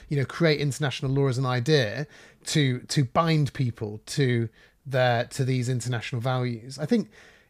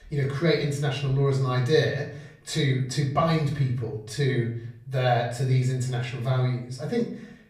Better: first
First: none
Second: off-mic speech; far // room echo; slight; dies away in 0.5 s

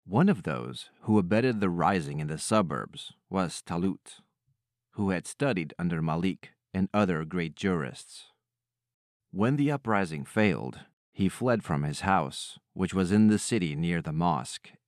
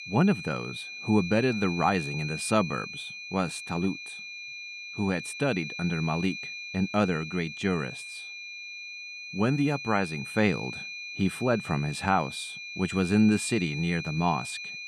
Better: first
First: none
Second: high-pitched whine; loud; throughout; 2.5 kHz, 8 dB below the speech

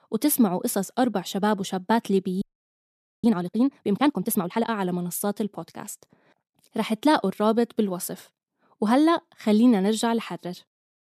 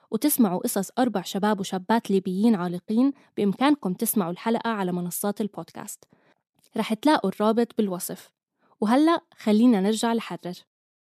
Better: second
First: audio freezing; at 2.5 s for 1 s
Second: none

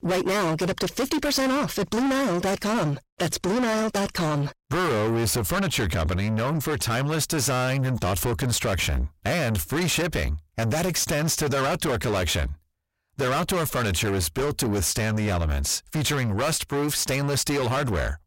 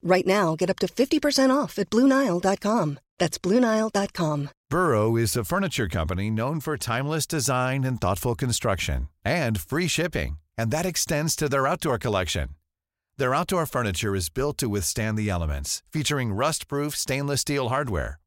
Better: second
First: distortion; heavy; 5 dB below the speech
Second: none

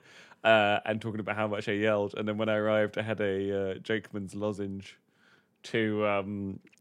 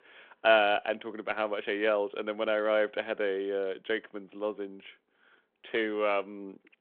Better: first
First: none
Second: phone-call audio

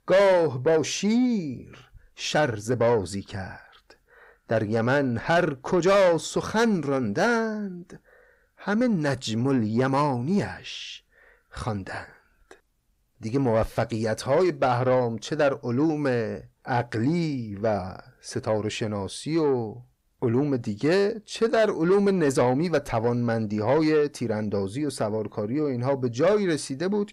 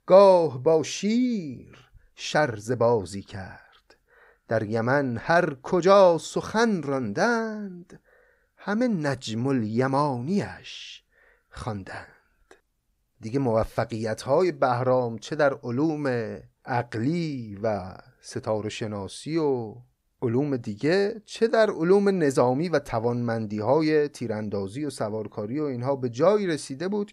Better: second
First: distortion; slight; 10 dB below the speech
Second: none

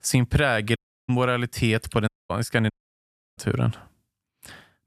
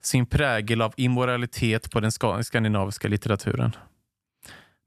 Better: second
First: audio cutting out; at 1 s, at 2 s and at 2.5 s for 0.5 s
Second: none

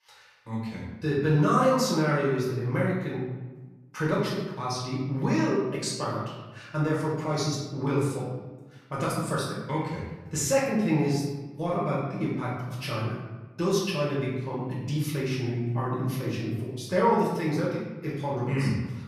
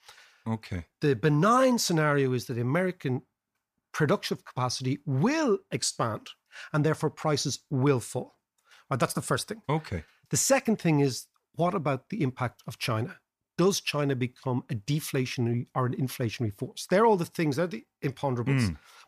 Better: second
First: room echo; noticeable; dies away in 1 s // off-mic speech; far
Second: none

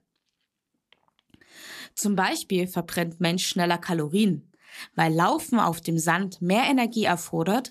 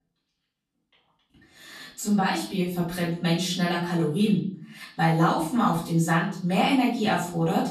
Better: first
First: none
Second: room echo; noticeable; dies away in 0.5 s // off-mic speech; far

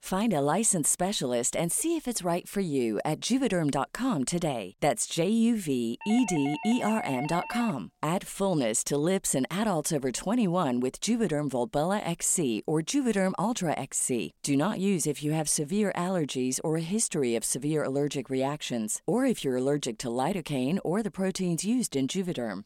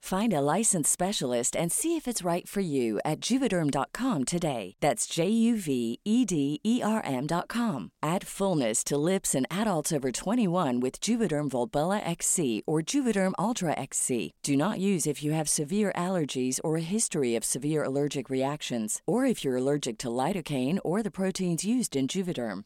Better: second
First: doorbell; noticeable; from 6 to 7.5 s; peak 8 dB below the speech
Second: none

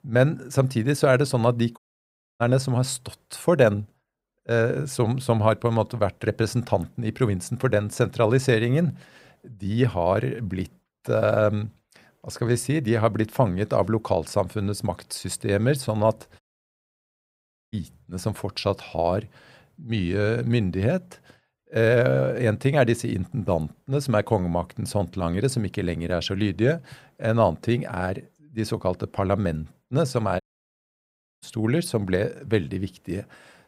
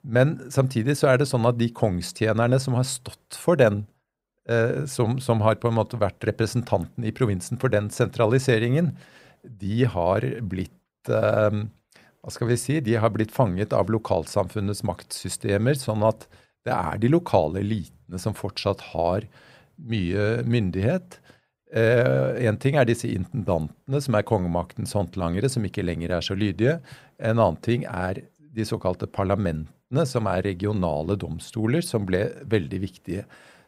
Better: second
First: audio cutting out; at 2 s for 0.5 s, at 16 s for 1.5 s and at 30 s for 1 s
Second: none

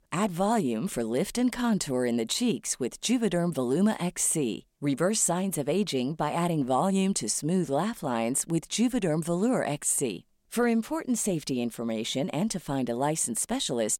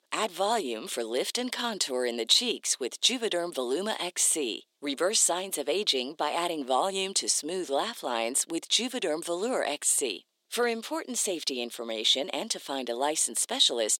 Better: first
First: none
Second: thin; somewhat; fading below 300 Hz

